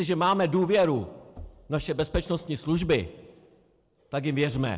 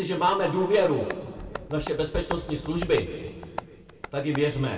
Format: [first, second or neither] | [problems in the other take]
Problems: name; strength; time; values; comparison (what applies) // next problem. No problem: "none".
first | background sound (Tap); 15 dB below the speech // room echo; dies away in 1.8 s